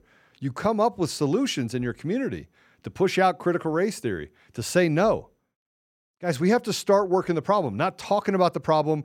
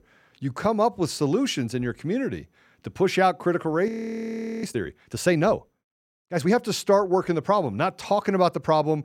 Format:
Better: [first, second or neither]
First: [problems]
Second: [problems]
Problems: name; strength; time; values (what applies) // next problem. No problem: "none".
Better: first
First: none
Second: audio freezing; at 4 s for 1 s